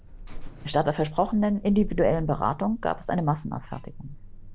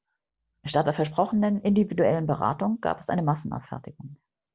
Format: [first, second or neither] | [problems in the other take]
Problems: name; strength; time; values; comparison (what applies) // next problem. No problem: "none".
second | background sound (Alarm); 11 dB below the speech